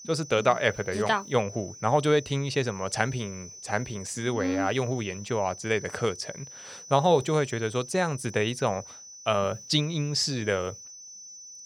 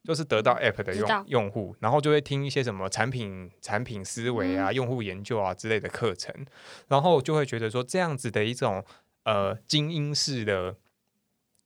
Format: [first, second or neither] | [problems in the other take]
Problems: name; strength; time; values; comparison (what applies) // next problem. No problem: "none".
second | high-pitched whine; noticeable; throughout; 6 kHz, 15 dB below the speech